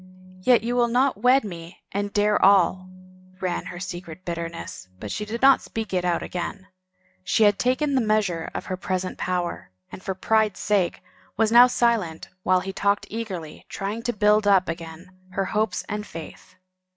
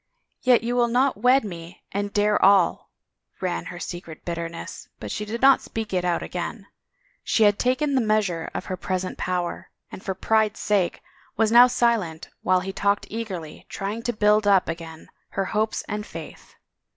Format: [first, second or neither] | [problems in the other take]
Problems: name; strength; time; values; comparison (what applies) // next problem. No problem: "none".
second | noise reduction (neural mask model RNNoise)